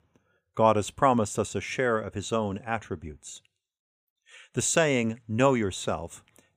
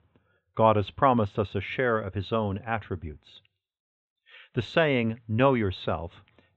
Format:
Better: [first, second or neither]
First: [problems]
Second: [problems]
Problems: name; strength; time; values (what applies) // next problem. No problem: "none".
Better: first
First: none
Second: muffled; very; fading above 3.5 kHz